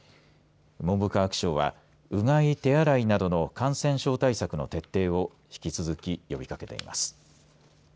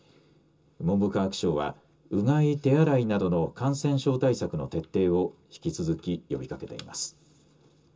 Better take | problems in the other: first | room echo; dies away in 0.2 s

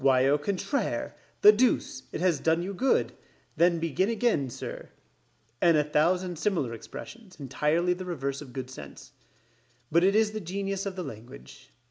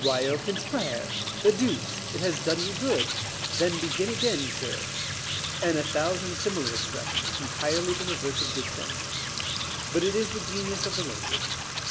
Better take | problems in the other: first | background sound (Animal + Fill (with liquid) / Trickle, dribble / Sink (filling or washing)); 1 dB below the speech

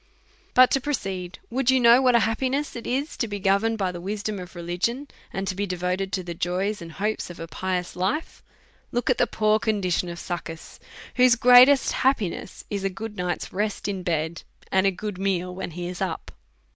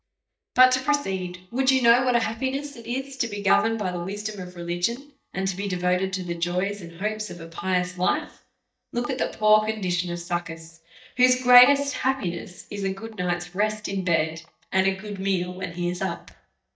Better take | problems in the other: first | noise reduction (neural mask model DeepFilterNet 3)

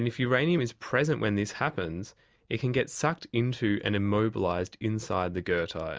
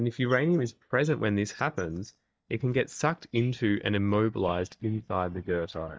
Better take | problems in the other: first | noise reduction (neural mask model DeepFilterNet 3)

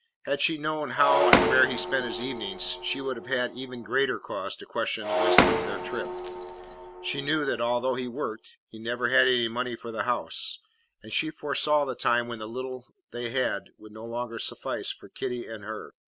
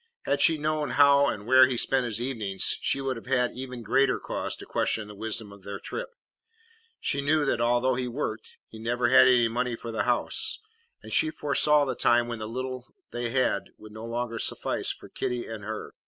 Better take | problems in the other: second | background sound (Shatter); 1 dB above the speech

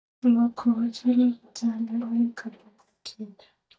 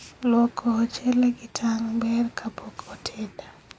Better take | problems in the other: second | noise reduction (neural mask model DeepFilterNet 3)

